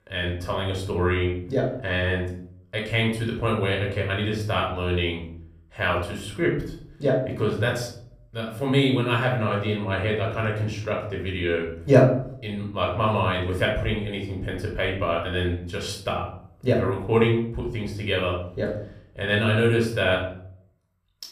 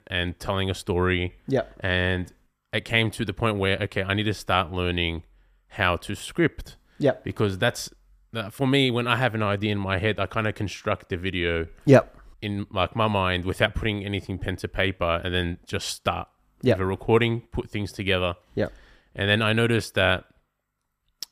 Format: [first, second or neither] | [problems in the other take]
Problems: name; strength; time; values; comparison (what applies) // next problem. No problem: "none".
second | off-mic speech; somewhat distant // room echo; slight; dies away in 0.5 s